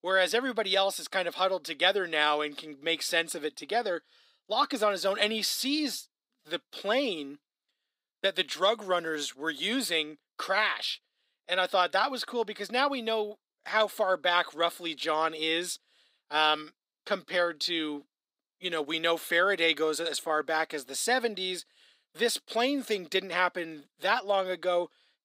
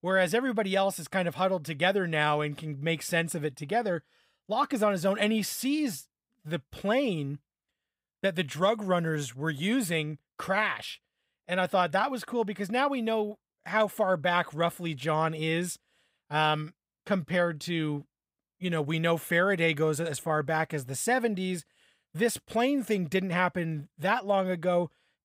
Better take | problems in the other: second | thin; somewhat; fading below 250 Hz

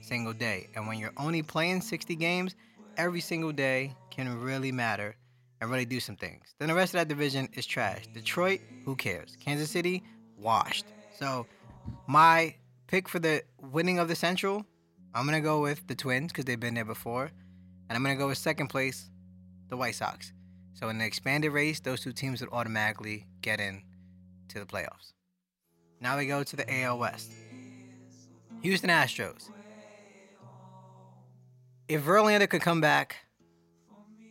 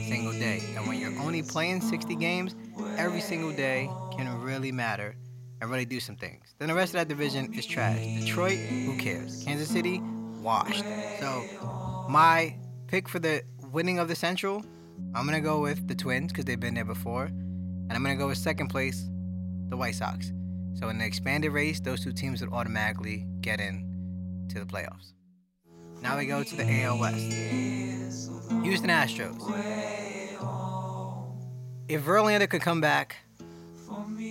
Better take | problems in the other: first | background music; loud; throughout; 6 dB below the speech; faint in the first

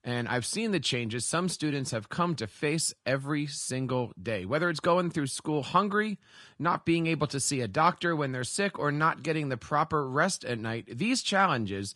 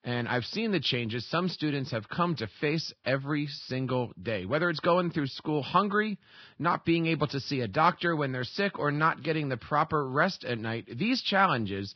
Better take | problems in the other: first | garbled, watery; badly; nothing above 5.5 kHz; slightly in the first

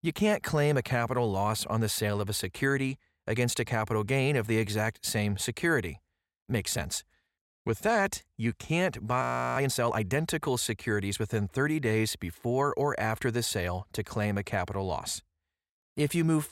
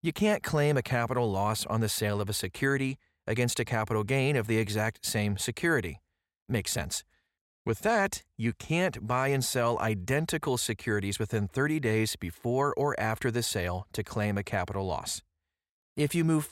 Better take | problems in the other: second | audio freezing; at 9 s

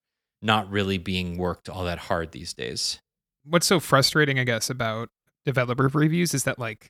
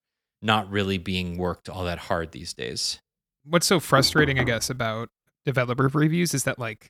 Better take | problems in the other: first | door banging; noticeable; at 4 s; peak 5 dB below the speech

